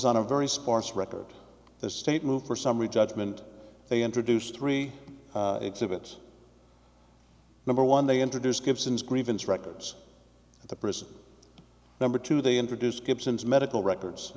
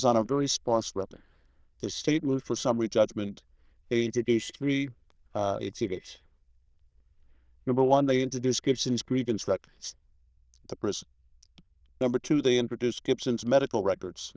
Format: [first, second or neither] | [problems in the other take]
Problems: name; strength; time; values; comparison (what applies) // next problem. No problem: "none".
first | noise reduction (neural diffusion model UNIVERSE++)